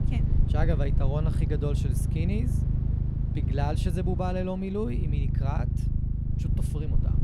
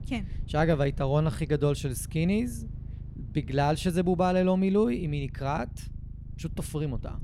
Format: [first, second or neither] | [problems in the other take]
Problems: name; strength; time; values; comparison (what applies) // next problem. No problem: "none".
second | low rumble; loud; throughout; 5 dB below the speech; faint in the second